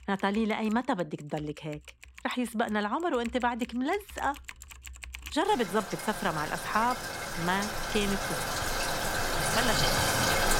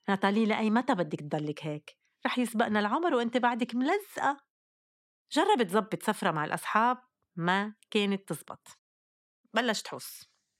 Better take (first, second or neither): second